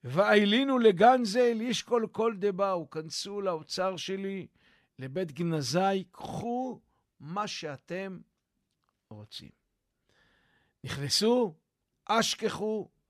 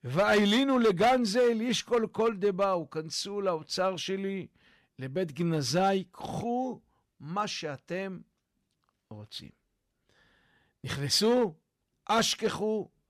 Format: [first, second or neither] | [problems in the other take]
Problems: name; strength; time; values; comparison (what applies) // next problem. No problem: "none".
first | distortion; slight; 3% of the sound clipped